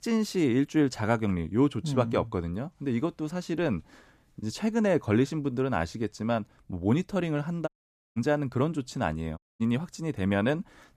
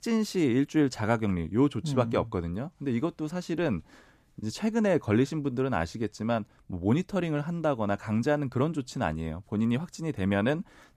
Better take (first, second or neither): second